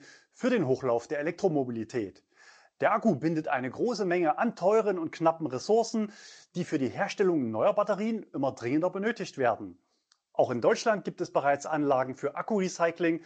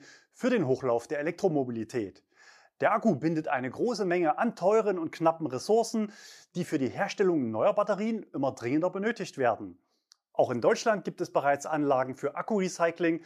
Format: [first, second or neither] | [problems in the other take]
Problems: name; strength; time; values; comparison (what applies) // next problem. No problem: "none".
second | garbled, watery; slightly; nothing above 7.5 kHz